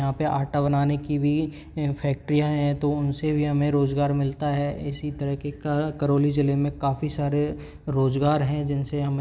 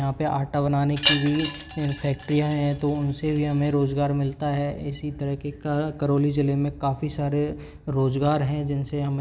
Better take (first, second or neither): first